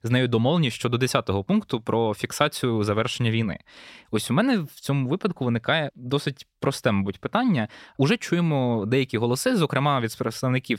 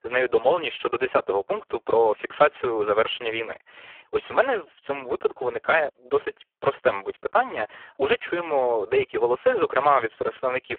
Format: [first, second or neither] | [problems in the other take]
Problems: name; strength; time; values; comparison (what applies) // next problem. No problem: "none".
first | phone-call audio; poor line